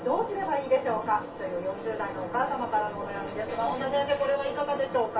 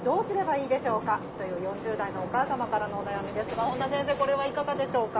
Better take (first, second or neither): second